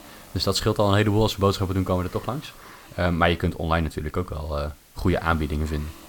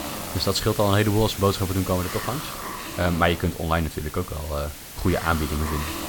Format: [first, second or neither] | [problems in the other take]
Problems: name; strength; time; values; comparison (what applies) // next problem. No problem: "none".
first | hiss; loud; throughout; 8 dB below the speech; faint in the first